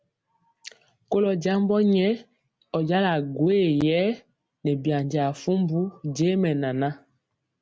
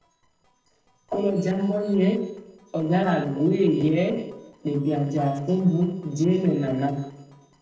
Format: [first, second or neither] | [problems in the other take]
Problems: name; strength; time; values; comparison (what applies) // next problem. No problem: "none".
first | noise reduction (neural separator model SepFormer DNS4)